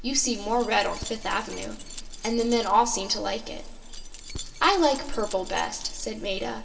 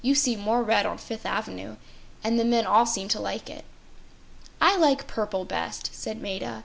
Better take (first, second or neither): second